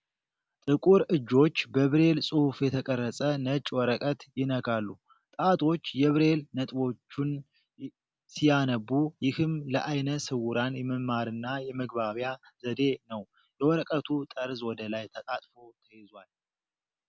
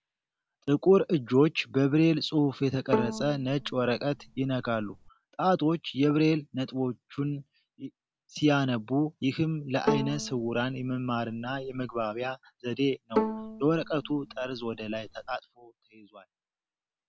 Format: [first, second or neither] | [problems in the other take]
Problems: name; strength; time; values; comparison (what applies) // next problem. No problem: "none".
first | background sound (Bowed string instrument); 6 dB below the speech